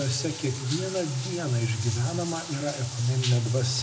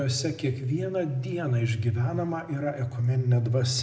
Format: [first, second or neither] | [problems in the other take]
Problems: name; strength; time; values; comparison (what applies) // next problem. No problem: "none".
second | background sound (Bathtub (filling or washing)); 10 dB below the speech